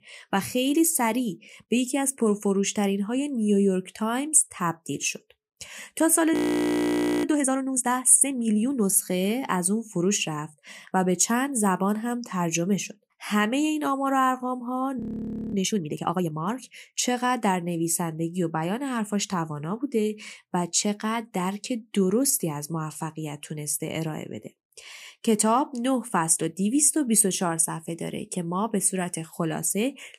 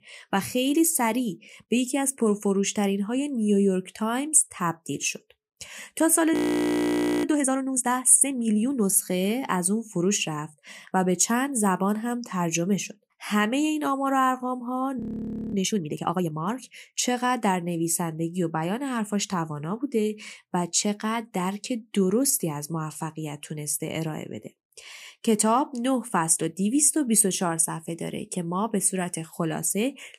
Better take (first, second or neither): neither